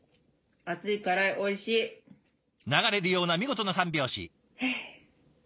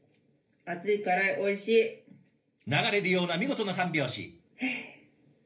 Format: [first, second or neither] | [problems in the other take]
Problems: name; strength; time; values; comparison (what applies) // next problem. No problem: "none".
first | room echo; dies away in 0.3 s